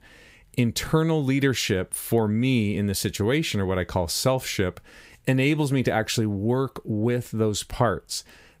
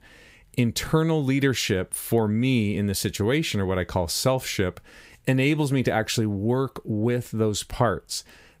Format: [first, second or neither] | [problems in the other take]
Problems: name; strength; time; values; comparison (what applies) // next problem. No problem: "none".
neither | none